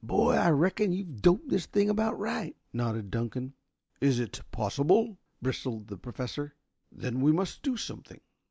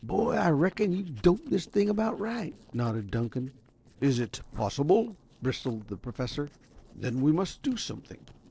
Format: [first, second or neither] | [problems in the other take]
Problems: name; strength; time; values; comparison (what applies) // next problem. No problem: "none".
first | noise reduction (neural separator model SepFormer DNS4)